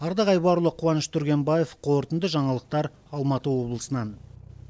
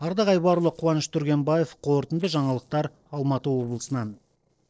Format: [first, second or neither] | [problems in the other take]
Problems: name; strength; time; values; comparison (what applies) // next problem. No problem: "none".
first | noise reduction (neural separator model SepFormer DNS4)